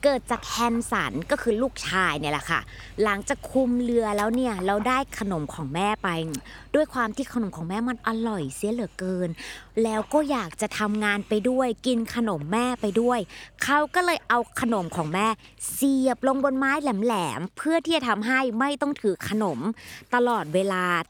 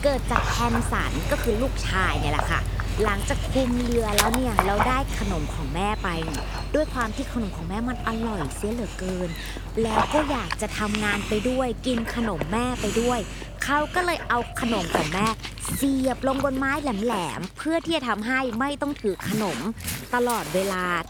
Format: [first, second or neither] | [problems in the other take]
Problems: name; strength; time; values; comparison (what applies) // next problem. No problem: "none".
first | animal sounds; loud; throughout; 3 dB below the speech; faint in the first